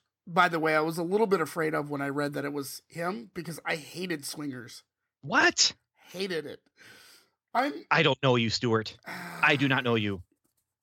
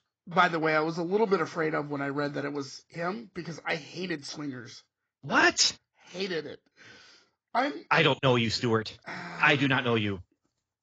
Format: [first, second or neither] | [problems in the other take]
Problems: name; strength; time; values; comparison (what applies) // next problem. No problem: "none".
first | garbled, watery; badly